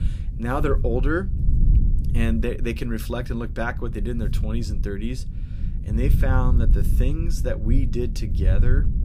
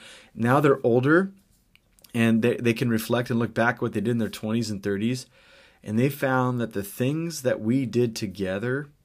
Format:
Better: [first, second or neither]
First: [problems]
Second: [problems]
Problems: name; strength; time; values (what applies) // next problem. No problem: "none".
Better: second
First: low rumble; noticeable; throughout; 10 dB below the speech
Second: none